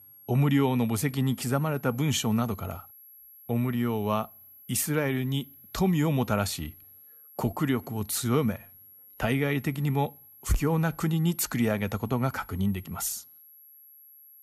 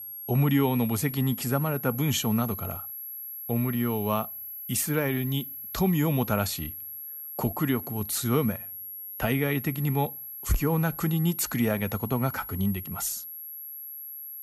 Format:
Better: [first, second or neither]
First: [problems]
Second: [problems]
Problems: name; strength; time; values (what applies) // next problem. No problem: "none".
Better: first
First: high-pitched whine; faint; throughout; 11.5 kHz, 20 dB below the speech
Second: high-pitched whine; loud; throughout; 11.5 kHz, 8 dB below the speech